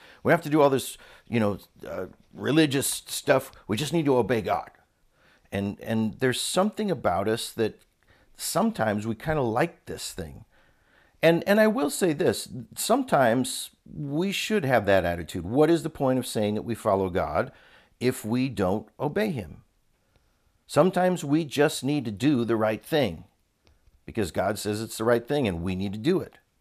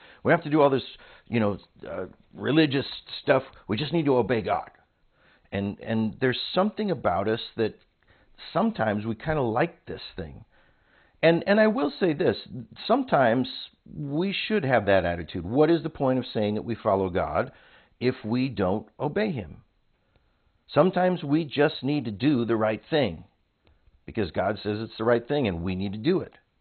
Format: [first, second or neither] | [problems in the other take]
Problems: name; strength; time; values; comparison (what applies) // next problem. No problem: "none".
first | garbled, watery; badly; nothing above 4 kHz